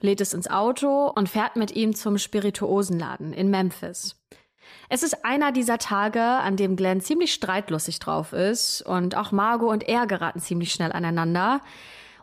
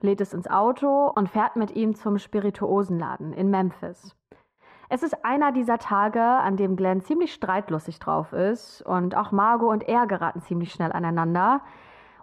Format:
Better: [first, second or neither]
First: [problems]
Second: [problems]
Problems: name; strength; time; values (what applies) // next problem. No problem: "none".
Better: first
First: none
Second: muffled; very; fading above 3 kHz